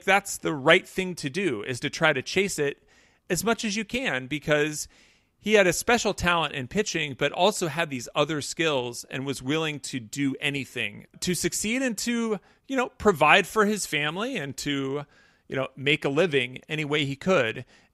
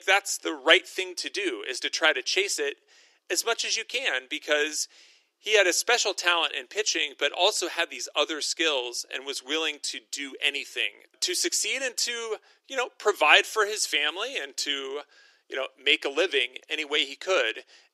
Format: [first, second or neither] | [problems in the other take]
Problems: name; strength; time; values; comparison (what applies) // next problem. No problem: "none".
first | thin; very; fading below 300 Hz